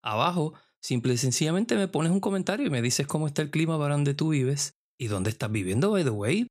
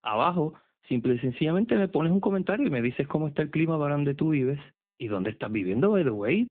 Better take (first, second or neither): first